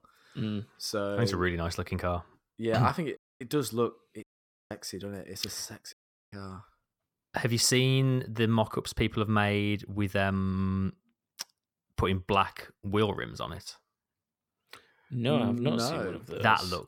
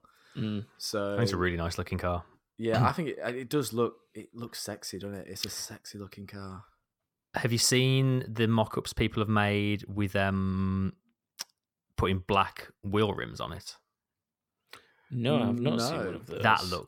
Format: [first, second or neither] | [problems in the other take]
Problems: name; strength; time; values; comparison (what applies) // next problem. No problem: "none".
second | audio cutting out; at 3 s, at 4 s and at 6 s